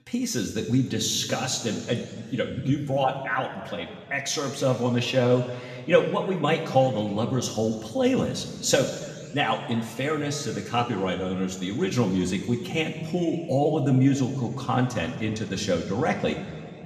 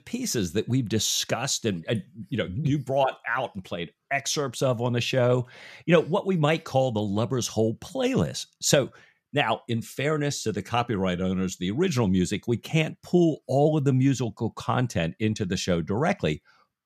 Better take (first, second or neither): second